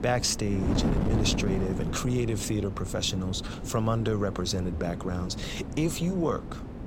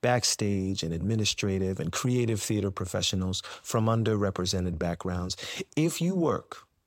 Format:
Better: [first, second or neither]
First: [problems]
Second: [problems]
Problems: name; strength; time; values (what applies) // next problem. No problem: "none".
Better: second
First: wind noise on the microphone; heavy; 8 dB below the speech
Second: none